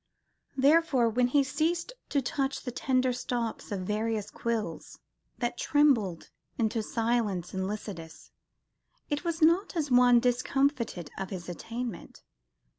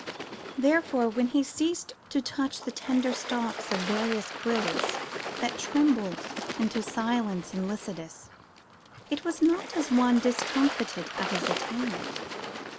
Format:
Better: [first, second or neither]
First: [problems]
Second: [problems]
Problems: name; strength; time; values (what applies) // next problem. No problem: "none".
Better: first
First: none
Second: background sound (Water / Bird); 7 dB below the speech